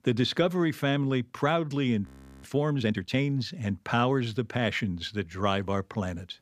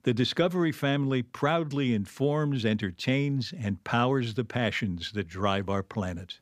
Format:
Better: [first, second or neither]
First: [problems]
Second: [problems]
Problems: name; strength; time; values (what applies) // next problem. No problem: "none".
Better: second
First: audio freezing; at 2 s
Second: none